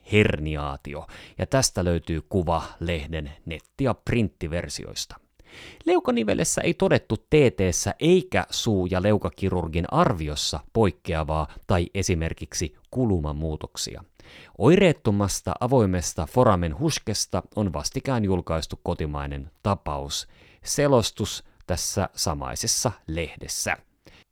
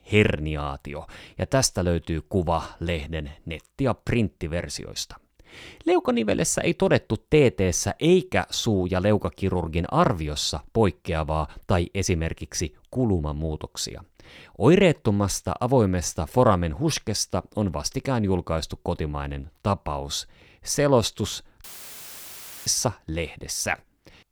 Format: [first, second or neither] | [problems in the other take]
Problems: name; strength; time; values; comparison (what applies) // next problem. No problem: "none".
first | audio cutting out; filled with static; at 22 s for 1 s